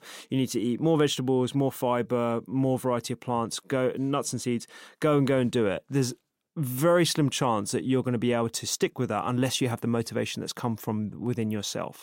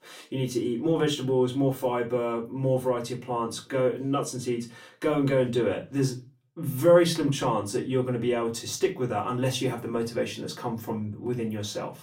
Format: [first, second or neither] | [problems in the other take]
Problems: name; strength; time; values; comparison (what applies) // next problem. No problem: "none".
first | off-mic speech; far // room echo; very slight; dies away in 0.3 s